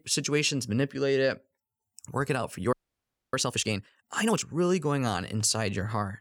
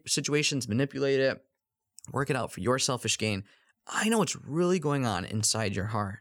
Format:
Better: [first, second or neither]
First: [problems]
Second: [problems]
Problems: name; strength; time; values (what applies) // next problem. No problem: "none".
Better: second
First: audio freezing; at 2.5 s for 0.5 s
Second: none